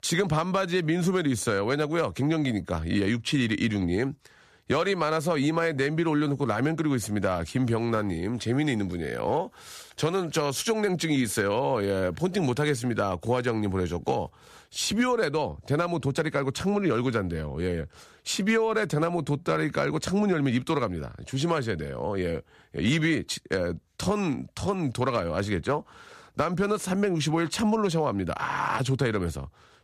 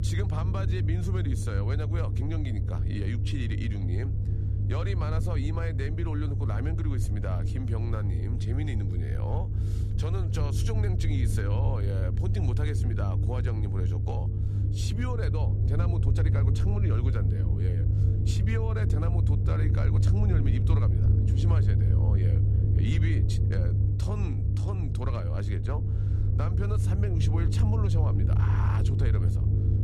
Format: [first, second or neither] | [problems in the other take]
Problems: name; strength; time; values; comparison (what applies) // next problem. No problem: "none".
first | low rumble; loud; throughout; 1 dB below the speech